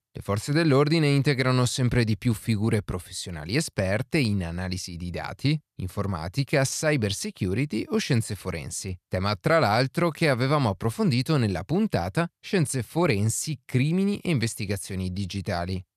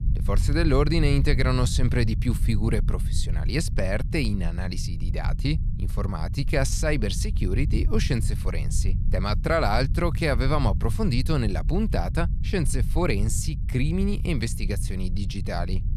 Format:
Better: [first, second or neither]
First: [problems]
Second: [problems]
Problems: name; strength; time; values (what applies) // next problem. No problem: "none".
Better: first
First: none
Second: low rumble; noticeable; throughout; 15 dB below the speech